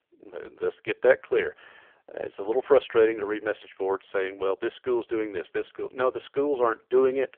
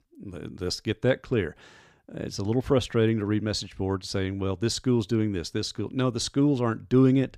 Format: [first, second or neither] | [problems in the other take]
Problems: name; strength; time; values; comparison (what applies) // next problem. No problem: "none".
second | phone-call audio; poor line; nothing above 3.5 kHz